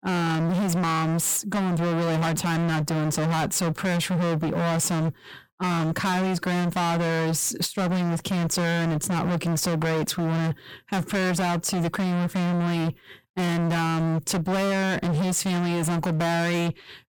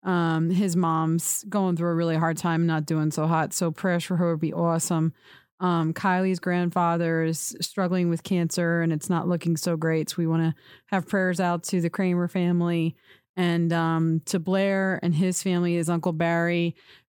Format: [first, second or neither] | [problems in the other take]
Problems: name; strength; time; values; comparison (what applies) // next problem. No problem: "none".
second | distortion; heavy; 47% of the sound clipped